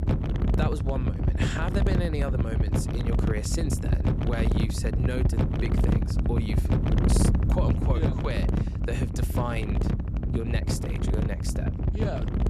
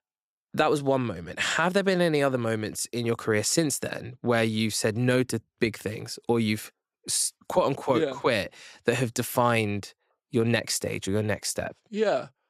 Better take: second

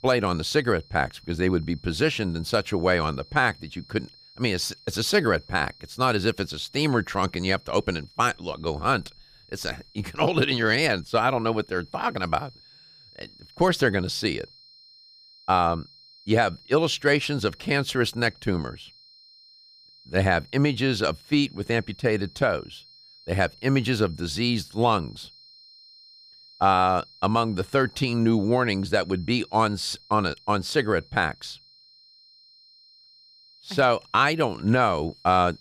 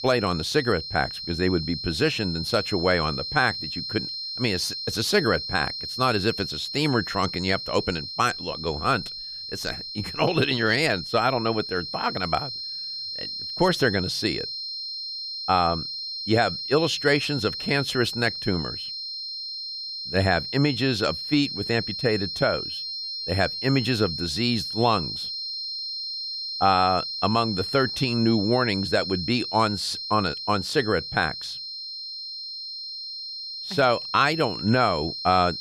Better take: first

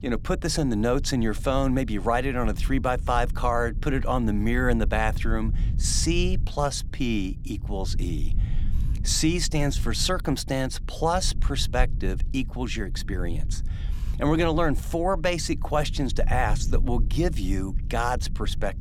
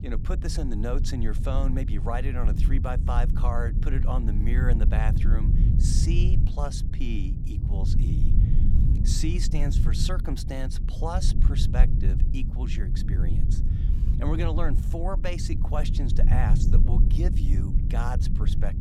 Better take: first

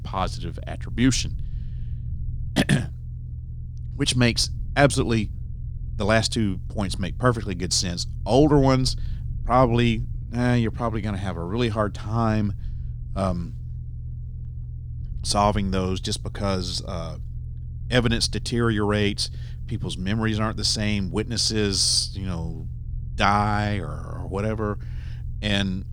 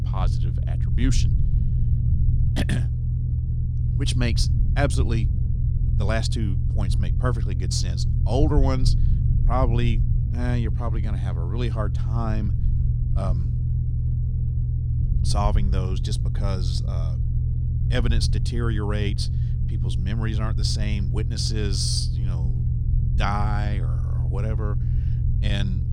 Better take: first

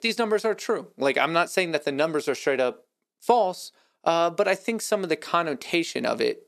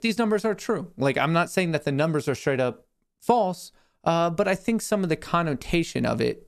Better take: second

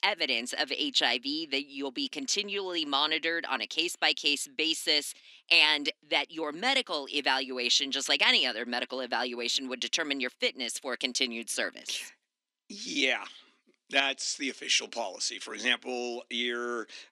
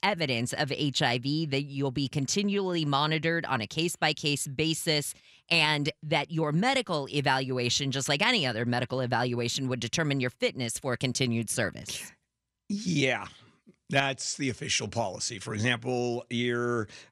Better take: second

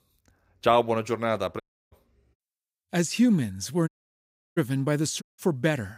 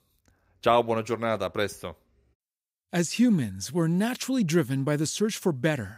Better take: second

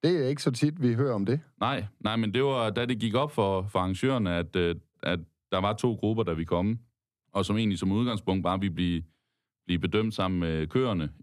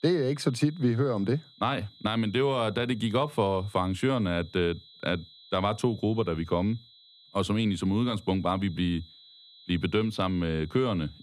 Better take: first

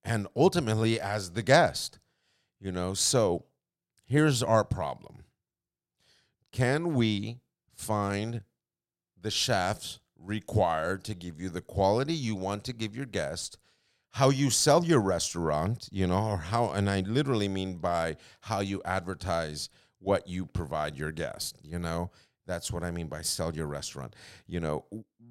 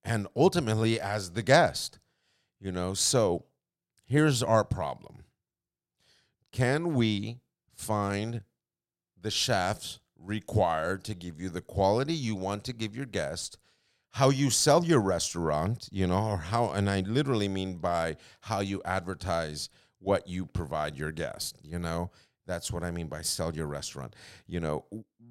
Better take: neither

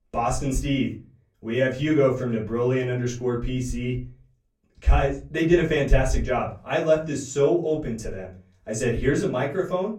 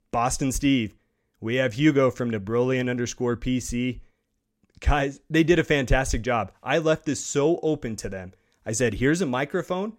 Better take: second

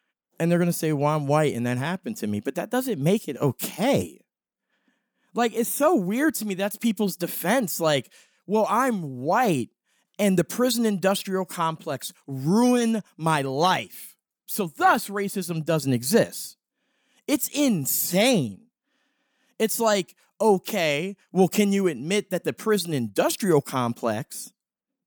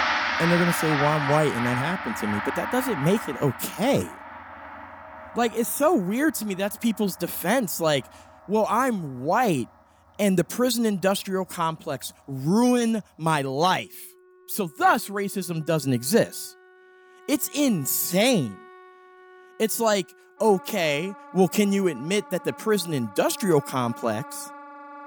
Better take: first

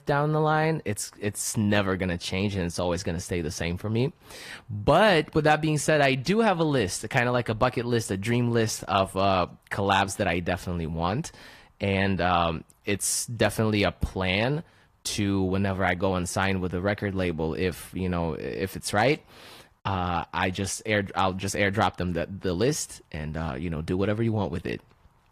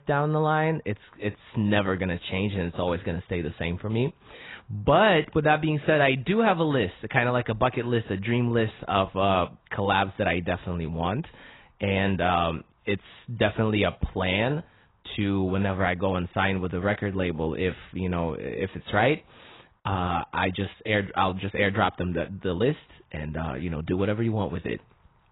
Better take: first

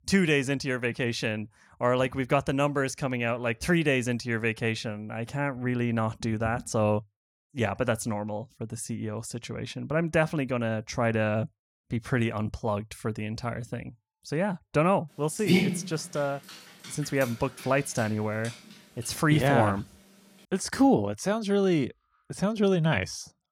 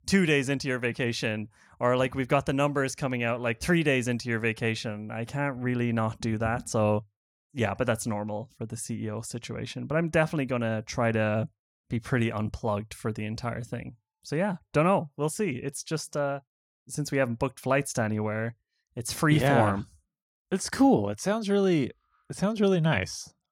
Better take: second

